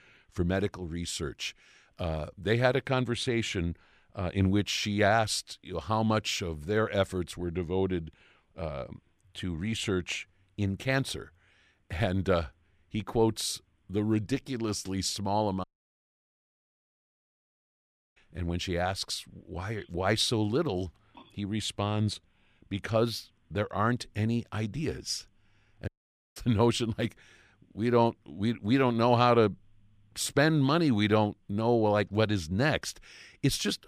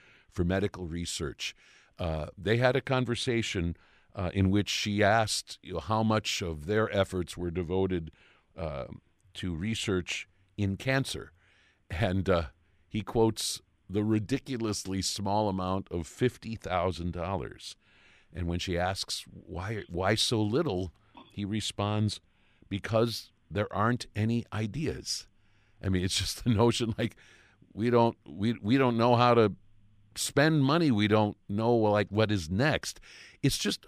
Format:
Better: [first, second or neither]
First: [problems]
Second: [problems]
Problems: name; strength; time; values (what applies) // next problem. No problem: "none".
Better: second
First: audio cutting out; at 16 s for 2.5 s and at 26 s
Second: none